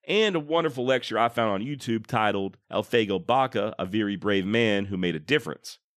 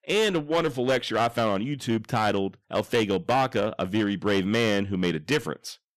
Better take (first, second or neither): first